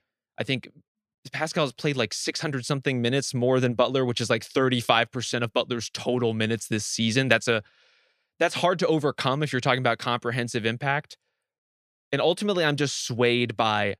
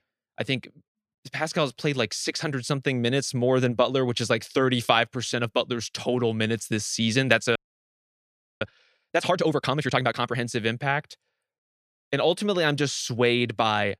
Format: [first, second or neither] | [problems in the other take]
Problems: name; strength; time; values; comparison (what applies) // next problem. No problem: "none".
first | audio freezing; at 7.5 s for 1 s